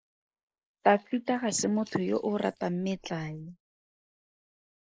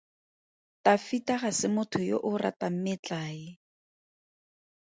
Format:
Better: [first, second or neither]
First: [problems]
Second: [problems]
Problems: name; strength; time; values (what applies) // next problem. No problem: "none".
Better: second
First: noise reduction (neural mask model Resemble Enhance denoiser)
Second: none